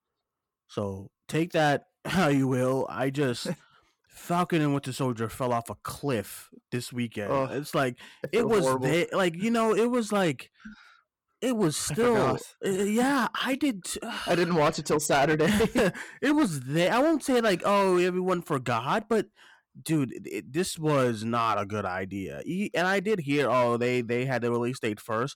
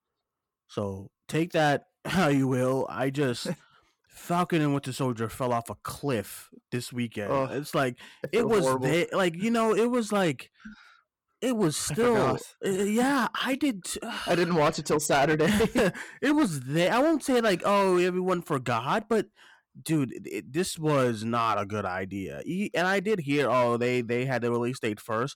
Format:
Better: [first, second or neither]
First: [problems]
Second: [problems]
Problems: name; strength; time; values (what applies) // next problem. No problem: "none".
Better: neither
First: distortion; slight; 6% of the sound clipped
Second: distortion; slight; 6% of the sound clipped